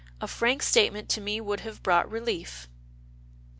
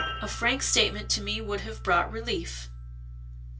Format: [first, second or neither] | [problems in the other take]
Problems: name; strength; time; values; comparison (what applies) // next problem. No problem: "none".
first | background sound (Piano); 13 dB below the speech // room echo; dies away in 0.2 s